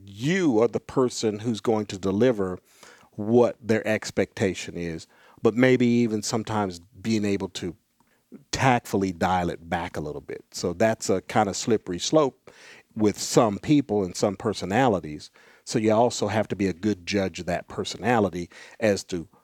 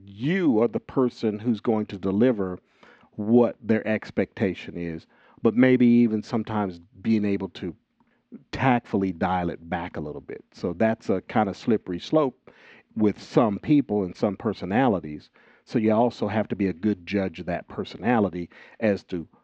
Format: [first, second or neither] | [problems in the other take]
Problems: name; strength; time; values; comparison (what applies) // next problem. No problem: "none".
first | muffled; slightly; fading above 3.5 kHz